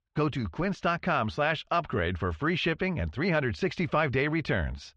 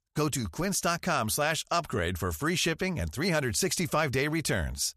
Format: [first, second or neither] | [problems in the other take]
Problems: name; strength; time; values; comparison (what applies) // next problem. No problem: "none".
second | muffled; very; fading above 3.5 kHz